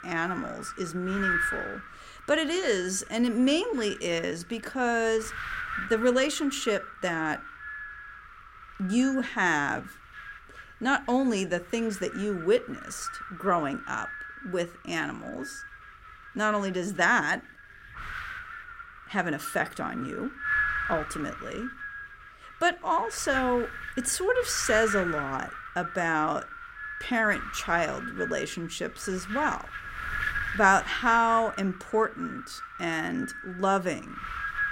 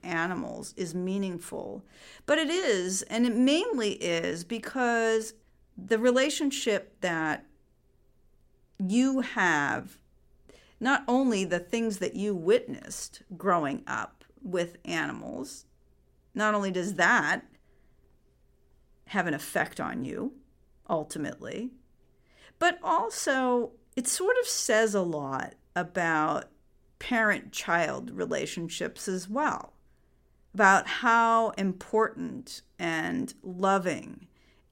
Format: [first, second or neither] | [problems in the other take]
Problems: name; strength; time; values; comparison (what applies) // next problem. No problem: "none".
second | wind noise on the microphone; heavy; 7 dB below the speech